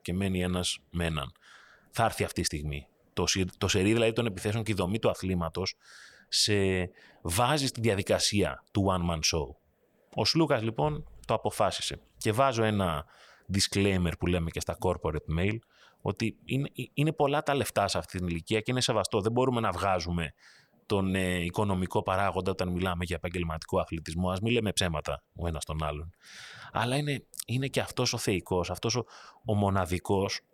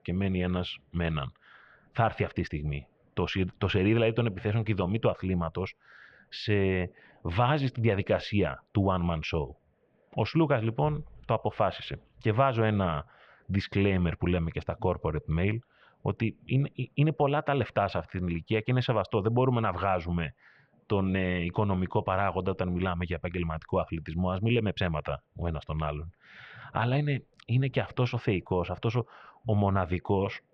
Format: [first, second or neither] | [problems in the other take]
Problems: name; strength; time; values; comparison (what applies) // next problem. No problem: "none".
first | muffled; very; fading above 3 kHz